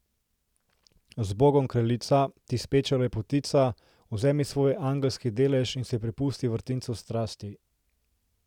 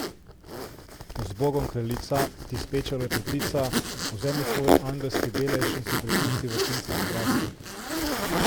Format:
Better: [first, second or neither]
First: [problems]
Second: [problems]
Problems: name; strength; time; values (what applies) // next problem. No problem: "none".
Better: first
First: none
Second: background sound (Zipper (clothing)); 3 dB above the speech